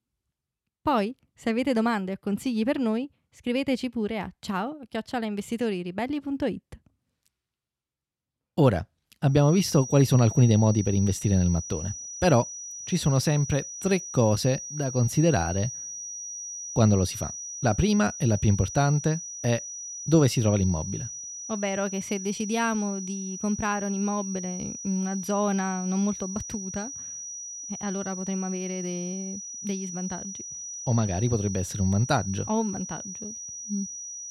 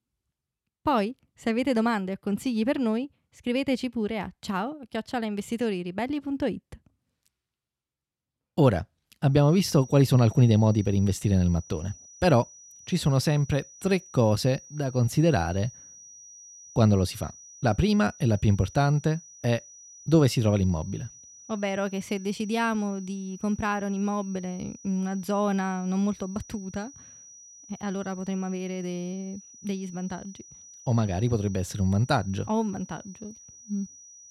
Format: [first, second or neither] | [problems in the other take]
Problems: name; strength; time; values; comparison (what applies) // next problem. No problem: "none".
second | high-pitched whine; loud; from 9.5 s on; 6 kHz, 9 dB below the speech; faint in the second